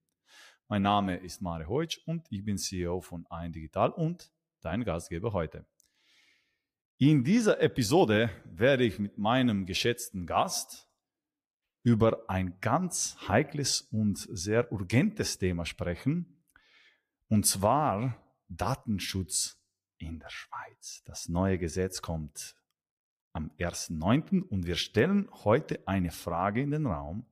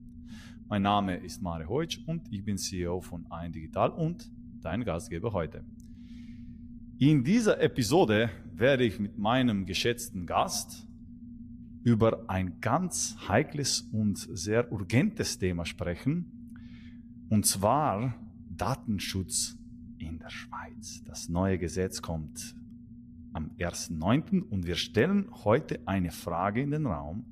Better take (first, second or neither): first